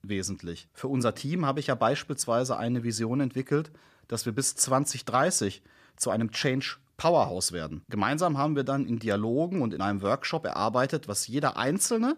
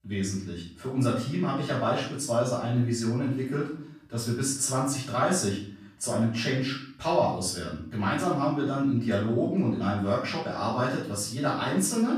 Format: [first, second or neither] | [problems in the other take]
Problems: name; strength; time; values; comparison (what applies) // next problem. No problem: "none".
first | off-mic speech; far // room echo; noticeable; dies away in 0.5 s